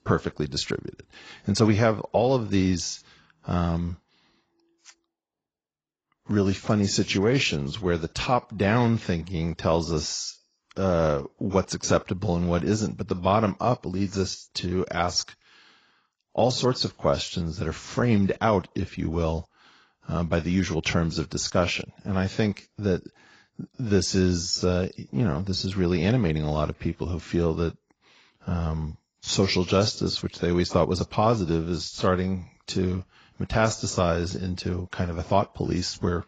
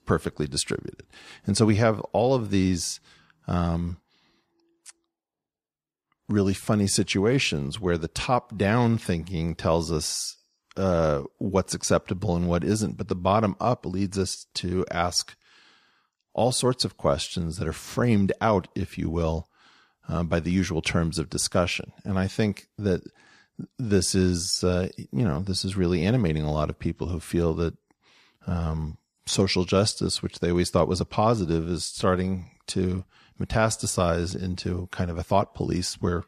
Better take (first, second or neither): second